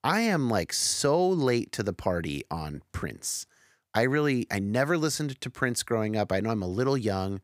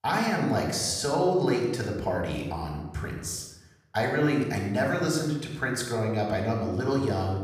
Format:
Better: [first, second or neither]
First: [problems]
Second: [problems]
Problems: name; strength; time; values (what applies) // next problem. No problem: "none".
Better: first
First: none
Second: off-mic speech; somewhat distant // room echo; noticeable; dies away in 0.9 s